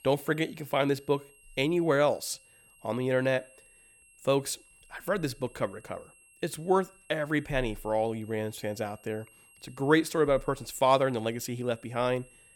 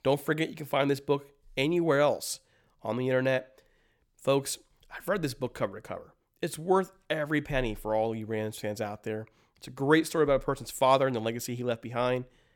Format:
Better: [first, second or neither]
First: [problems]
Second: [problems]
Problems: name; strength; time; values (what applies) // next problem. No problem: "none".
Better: second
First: high-pitched whine; faint; throughout; 2.5 kHz, 25 dB below the speech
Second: none